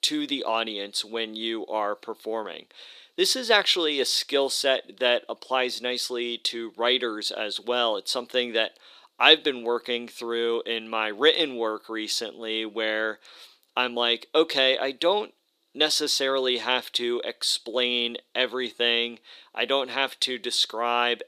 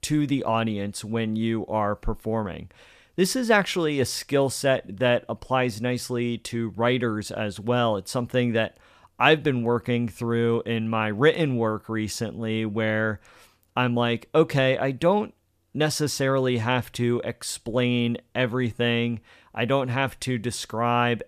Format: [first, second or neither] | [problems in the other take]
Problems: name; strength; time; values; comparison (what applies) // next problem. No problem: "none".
second | thin; somewhat; fading below 350 Hz